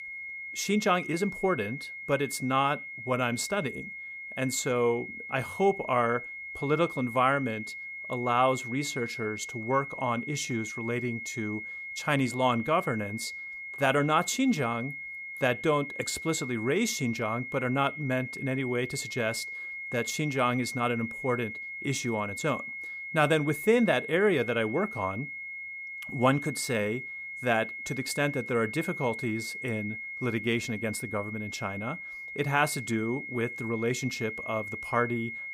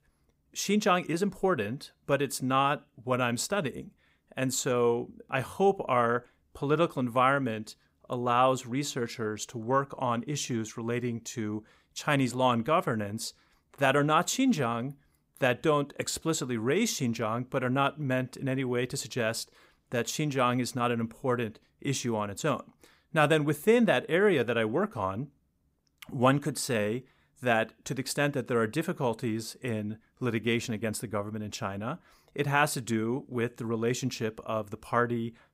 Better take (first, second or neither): second